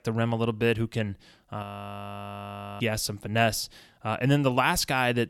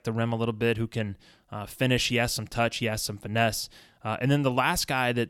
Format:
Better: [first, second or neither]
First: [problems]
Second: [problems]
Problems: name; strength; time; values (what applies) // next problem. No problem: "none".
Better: second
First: audio freezing; at 1.5 s for 1 s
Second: none